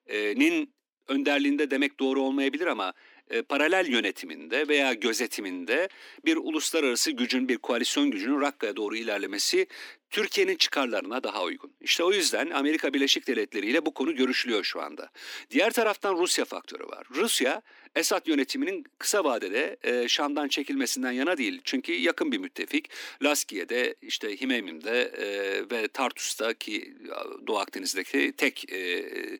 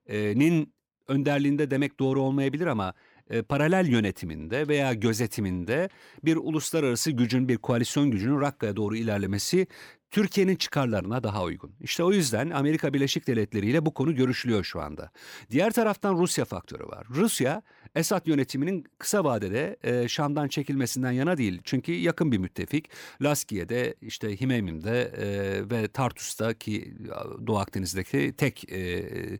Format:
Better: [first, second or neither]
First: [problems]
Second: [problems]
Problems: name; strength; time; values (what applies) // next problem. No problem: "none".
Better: second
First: thin; very slightly; fading below 250 Hz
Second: none